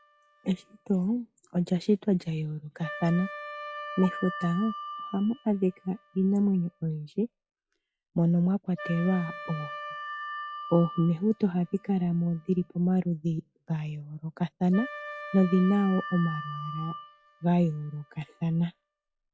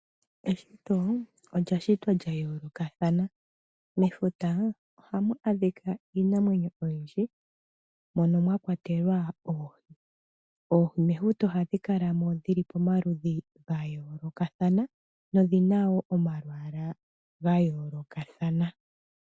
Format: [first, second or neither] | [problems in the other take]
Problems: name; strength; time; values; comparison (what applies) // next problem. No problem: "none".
second | noise reduction (classical method log-MMSE)